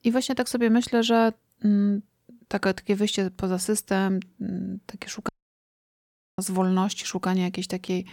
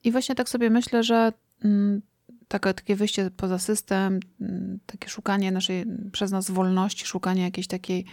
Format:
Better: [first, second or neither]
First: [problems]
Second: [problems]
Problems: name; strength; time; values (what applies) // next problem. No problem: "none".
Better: second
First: audio cutting out; at 5.5 s for 1 s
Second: none